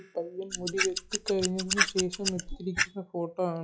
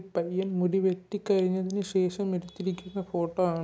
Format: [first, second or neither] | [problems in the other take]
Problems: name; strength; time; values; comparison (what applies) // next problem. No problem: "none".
second | noise reduction (classical method log-MMSE)